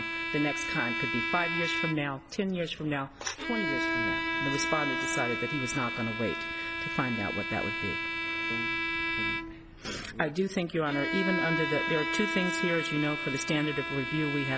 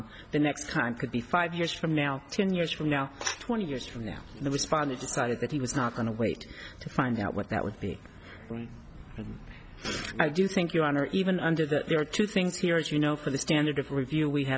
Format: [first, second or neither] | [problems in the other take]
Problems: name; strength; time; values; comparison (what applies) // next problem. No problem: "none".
second | background sound (Bowed string instrument); as loud as the speech